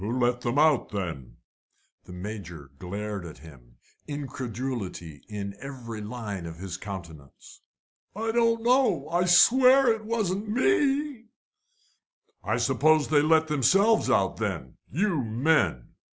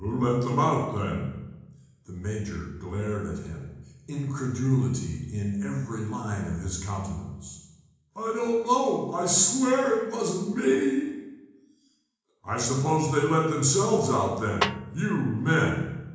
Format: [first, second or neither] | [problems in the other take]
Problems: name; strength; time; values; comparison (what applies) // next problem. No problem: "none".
first | background sound (Snare drum); 6 dB below the speech // room echo; dies away in 1 s